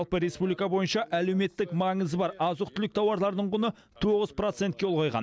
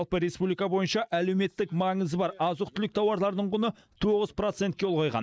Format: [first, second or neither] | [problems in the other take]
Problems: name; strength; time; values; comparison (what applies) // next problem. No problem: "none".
first | noise reduction (neural mask model Resemble Enhance denoiser)